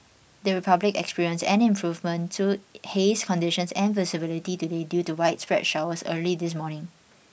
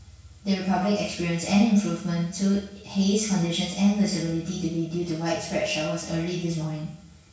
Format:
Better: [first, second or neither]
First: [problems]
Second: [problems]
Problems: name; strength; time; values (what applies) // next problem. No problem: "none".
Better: first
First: none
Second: room echo; dies away in 0.6 s